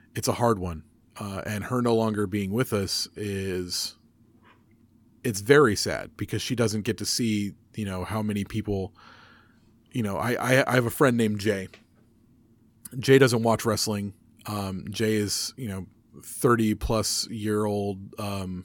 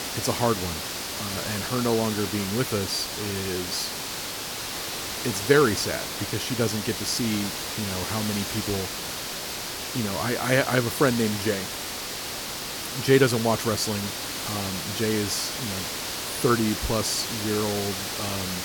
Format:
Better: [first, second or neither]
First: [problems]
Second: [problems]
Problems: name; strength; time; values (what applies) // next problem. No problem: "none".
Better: first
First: none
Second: hiss; loud; throughout; 3 dB below the speech